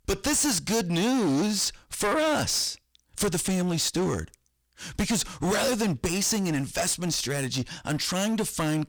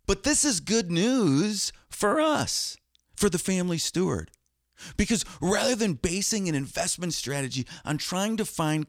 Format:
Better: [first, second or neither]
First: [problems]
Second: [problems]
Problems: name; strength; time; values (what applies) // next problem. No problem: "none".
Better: second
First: distortion; heavy; 18% of the sound clipped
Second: none